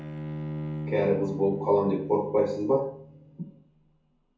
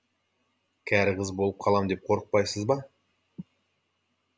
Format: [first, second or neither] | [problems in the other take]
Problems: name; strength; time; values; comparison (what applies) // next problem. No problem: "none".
second | background sound (Bowed string instrument); 9 dB below the speech // room echo; dies away in 0.6 s